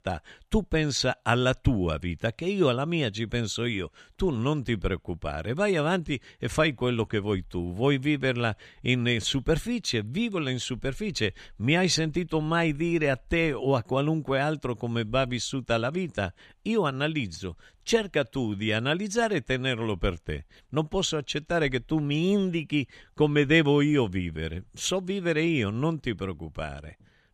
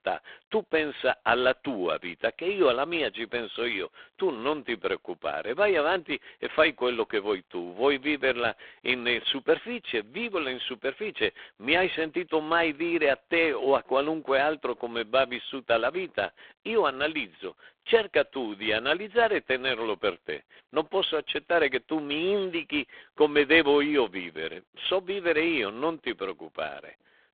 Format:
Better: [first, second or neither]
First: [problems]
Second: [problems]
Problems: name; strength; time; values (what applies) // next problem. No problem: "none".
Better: first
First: none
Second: phone-call audio; poor line